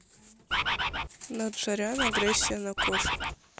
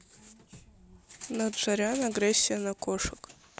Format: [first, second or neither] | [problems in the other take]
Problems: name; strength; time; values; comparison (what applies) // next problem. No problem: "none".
second | background sound (Bird); 3 dB above the speech